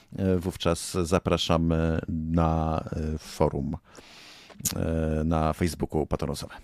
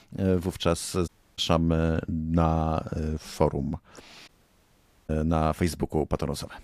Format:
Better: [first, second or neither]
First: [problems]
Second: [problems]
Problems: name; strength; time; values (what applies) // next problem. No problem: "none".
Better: first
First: none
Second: audio cutting out; at 1 s and at 4.5 s for 1 s